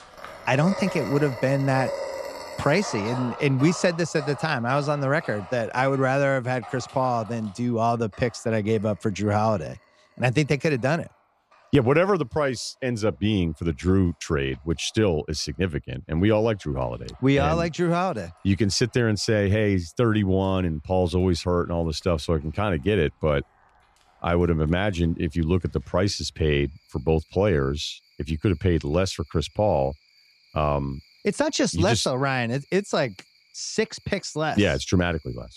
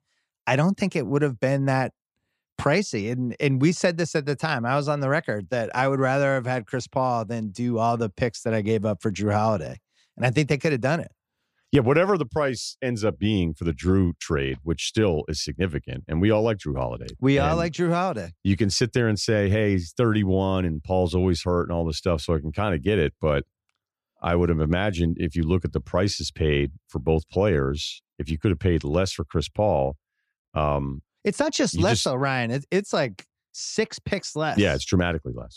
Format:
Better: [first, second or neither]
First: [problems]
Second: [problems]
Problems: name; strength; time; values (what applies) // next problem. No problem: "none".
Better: second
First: animal sounds; noticeable; throughout; 10 dB below the speech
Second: none